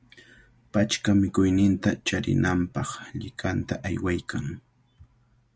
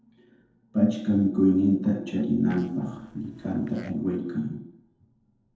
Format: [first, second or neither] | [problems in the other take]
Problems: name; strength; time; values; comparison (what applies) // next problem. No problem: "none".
first | noise reduction (neural separator model SepFormer DNS4)